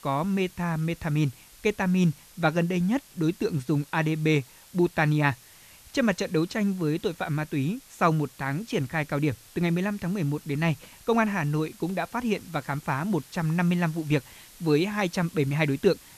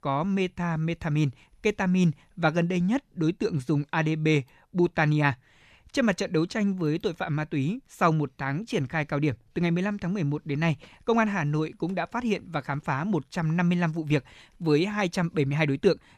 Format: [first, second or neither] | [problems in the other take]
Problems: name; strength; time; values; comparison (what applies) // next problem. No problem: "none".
second | hiss; faint; throughout; 20 dB below the speech